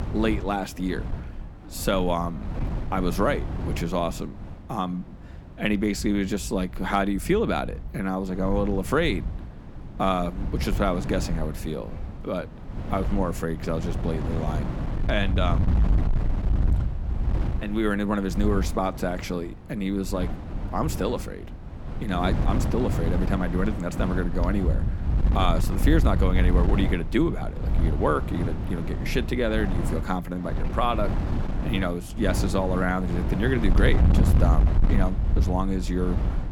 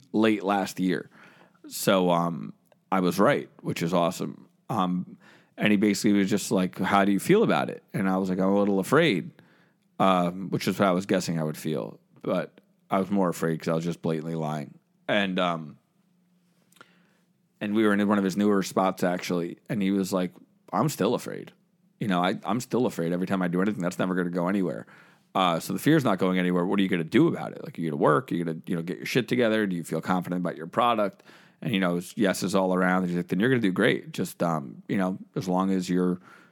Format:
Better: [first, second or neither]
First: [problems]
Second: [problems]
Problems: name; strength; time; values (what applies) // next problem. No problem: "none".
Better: second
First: wind noise on the microphone; heavy; 10 dB below the speech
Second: none